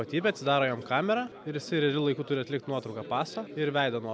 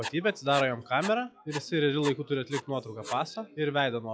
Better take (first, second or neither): first